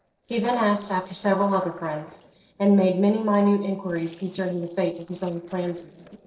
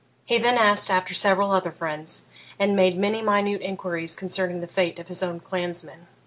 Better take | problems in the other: second | noise reduction (neural separator model SepFormer DNS4)

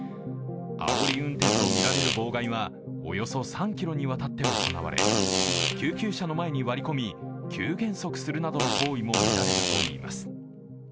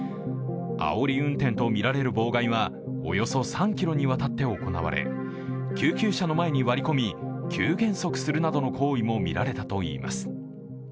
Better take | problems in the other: second | background sound (Fart); 3 dB above the speech

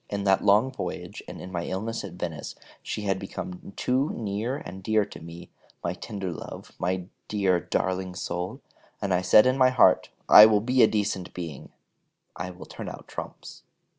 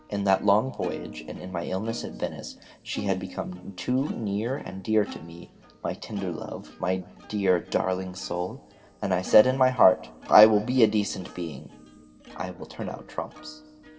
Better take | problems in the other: first | background sound (Plucked string instrument); 18 dB below the speech // room echo; dies away in 2.7 s

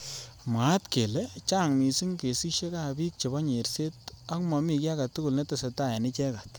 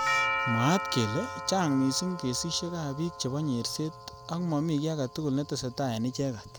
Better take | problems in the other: first | background sound (Doorbell); 6 dB below the speech

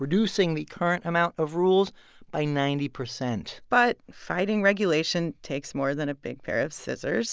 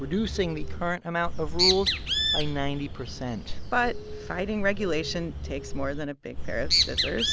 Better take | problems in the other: first | background sound (Bird); 1 dB above the speech

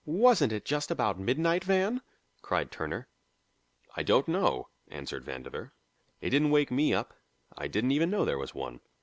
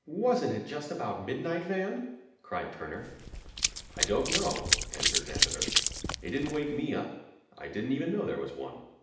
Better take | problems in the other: first | background sound (Run); 3 dB above the speech // room echo; dies away in 0.8 s

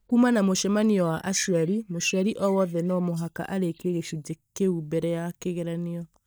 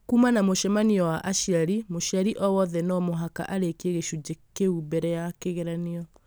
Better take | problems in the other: second | noise reduction (neural mask model DeepFilterNet 3)

